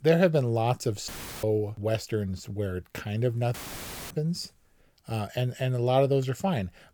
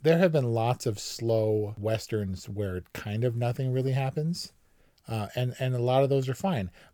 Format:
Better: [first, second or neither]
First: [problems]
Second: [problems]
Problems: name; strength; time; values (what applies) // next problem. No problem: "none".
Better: second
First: audio cutting out; filled with static; at 1 s and at 3.5 s for 0.5 s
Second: none